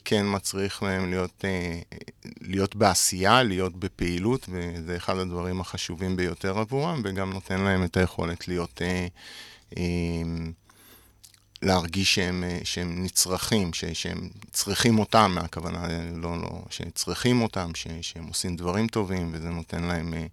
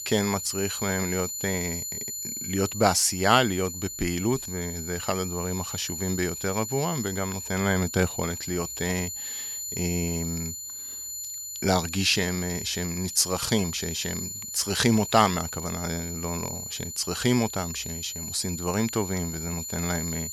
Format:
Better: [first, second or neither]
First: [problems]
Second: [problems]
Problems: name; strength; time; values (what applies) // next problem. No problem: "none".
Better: first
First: none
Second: high-pitched whine; loud; throughout; 7 kHz, 6 dB below the speech